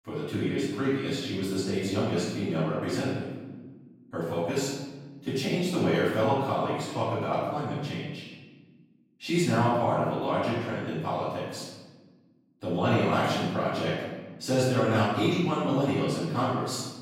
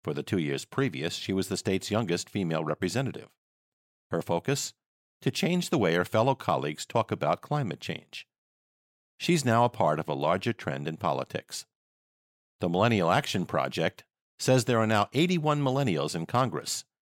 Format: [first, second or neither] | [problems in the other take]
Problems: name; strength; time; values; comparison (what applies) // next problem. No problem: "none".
second | room echo; strong; dies away in 1.2 s // off-mic speech; far